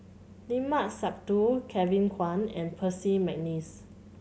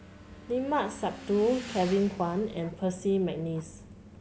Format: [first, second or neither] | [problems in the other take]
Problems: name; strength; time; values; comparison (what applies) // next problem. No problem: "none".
first | background sound (Motorcycle / Engine); 17 dB below the speech